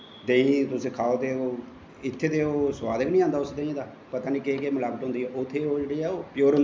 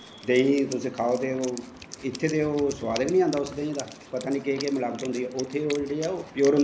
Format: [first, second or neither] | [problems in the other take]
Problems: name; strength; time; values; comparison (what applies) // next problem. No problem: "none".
first | background sound (Wind instrument, woodwind instrument); 18 dB below the speech